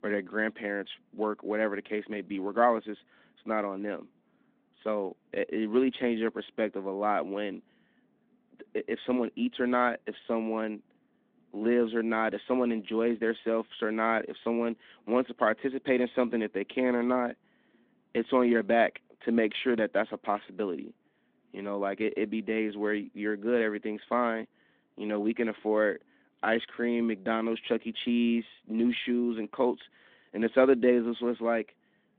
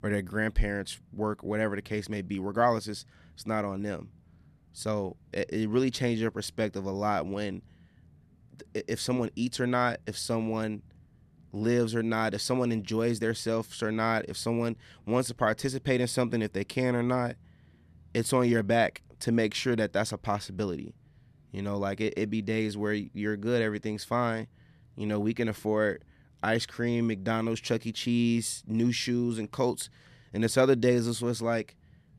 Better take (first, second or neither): second